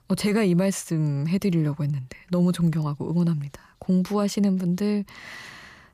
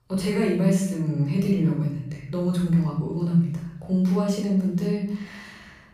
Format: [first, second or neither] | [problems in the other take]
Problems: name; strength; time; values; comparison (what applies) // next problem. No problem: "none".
first | room echo; noticeable; dies away in 0.6 s // off-mic speech; far